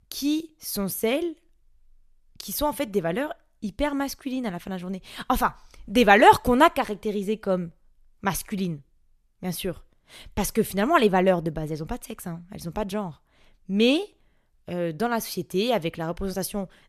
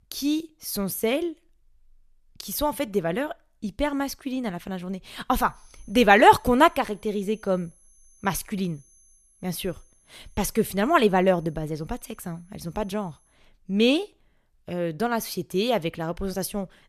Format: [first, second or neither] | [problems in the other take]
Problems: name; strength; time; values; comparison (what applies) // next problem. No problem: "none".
first | high-pitched whine; faint; from 5.5 to 13 s; 6.5 kHz, 35 dB below the speech